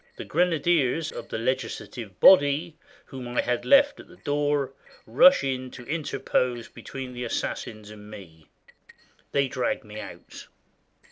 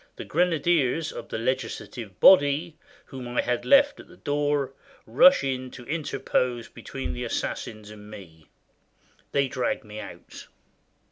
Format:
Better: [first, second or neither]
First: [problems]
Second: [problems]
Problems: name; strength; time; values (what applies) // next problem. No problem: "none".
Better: second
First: noise reduction (neural separator model SepFormer DNS4)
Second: none